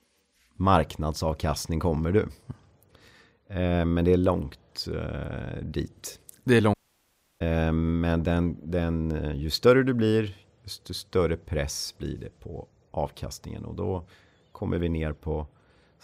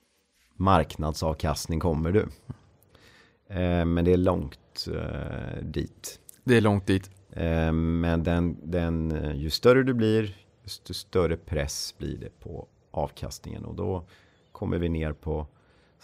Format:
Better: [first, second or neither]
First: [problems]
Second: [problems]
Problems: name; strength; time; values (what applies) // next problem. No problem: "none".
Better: second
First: audio cutting out; at 6.5 s for 0.5 s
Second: none